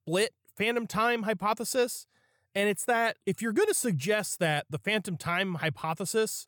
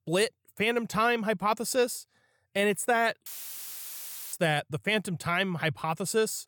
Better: first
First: none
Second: audio cutting out; filled with static; at 3.5 s for 1 s

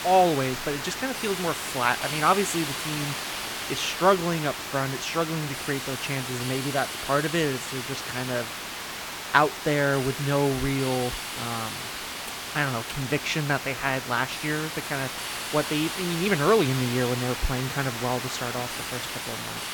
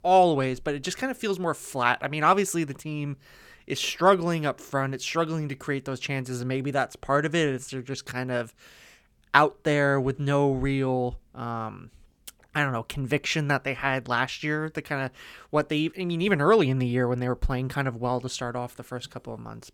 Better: second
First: hiss; loud; throughout; 5 dB below the speech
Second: none

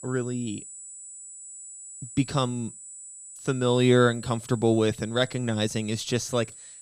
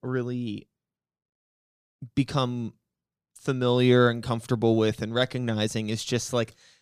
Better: second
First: high-pitched whine; noticeable; throughout; 8 kHz, 15 dB below the speech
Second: none

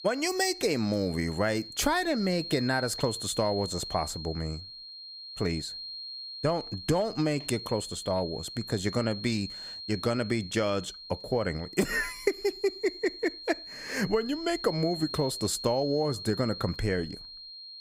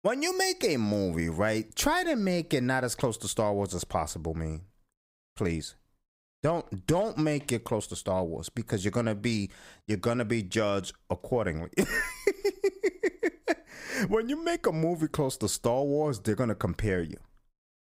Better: second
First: high-pitched whine; loud; throughout; 4 kHz, 9 dB below the speech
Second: none

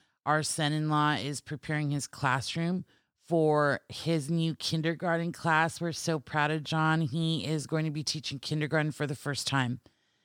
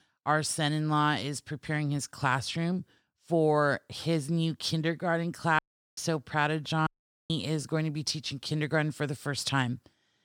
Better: first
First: none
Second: audio cutting out; at 5.5 s and at 7 s

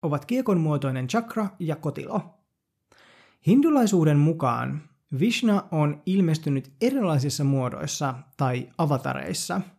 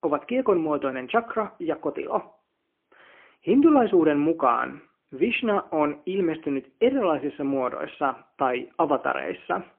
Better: first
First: none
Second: phone-call audio; poor line

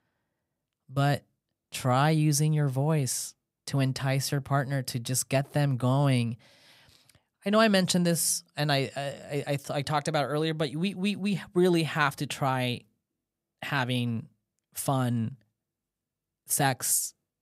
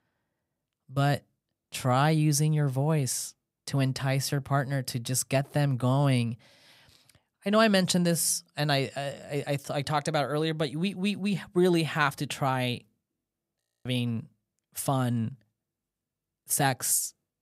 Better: first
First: none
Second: audio freezing; at 14 s

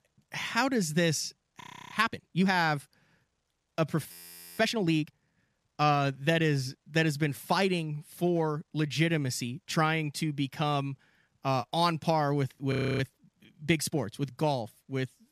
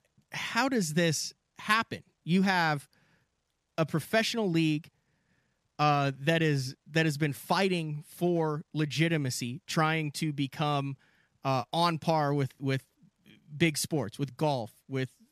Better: second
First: audio freezing; at 1.5 s, at 4 s and at 13 s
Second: none

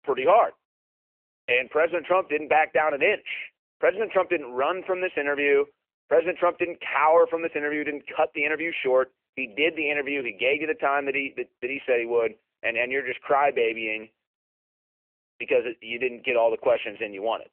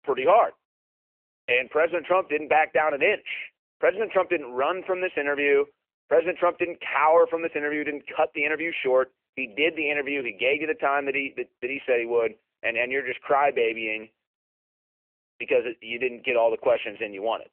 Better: neither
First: phone-call audio; nothing above 3 kHz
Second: phone-call audio; nothing above 3 kHz

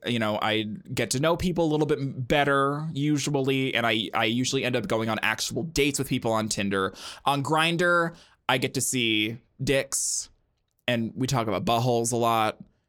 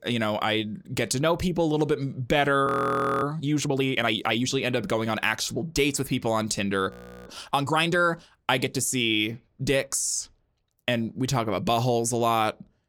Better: first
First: none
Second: audio freezing; at 2.5 s for 0.5 s and at 7 s

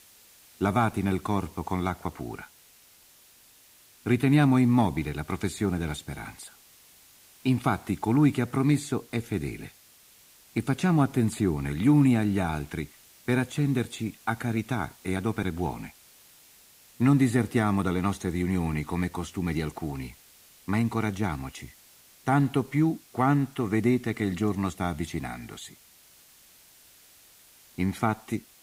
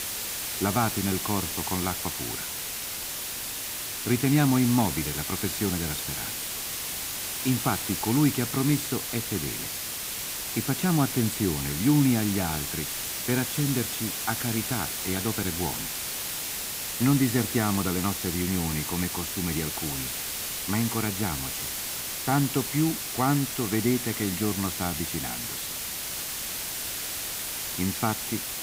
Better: first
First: hiss; faint; throughout; 25 dB below the speech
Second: hiss; loud; throughout; 2 dB below the speech

